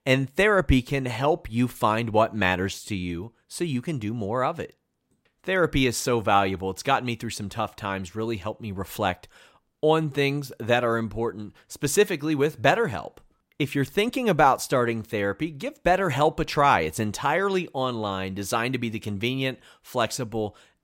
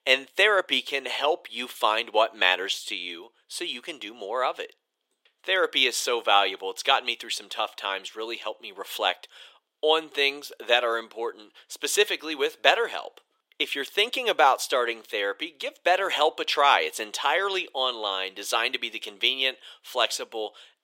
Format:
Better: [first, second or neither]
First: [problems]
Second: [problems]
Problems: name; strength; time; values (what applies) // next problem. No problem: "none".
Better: first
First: none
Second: thin; very; fading below 400 Hz